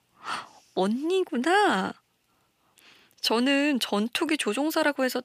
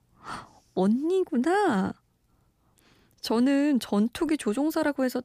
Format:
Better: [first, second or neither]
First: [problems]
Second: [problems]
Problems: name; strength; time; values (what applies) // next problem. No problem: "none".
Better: second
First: thin; very slightly; fading below 500 Hz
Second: none